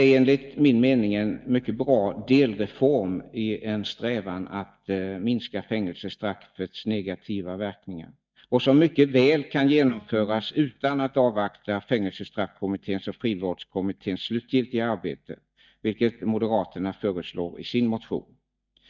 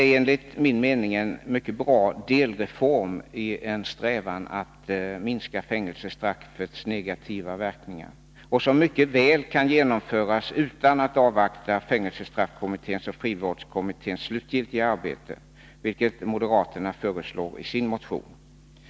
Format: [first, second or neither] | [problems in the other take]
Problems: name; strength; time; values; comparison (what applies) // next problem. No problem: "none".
second | noise reduction (neural mask model DeepFilterNet 3)